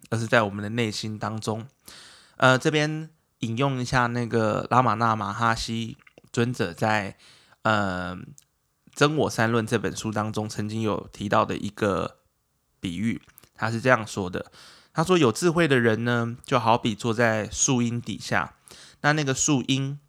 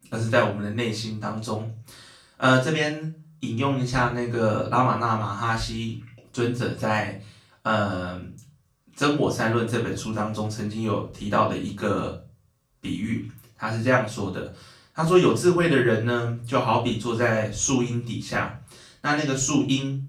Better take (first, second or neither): first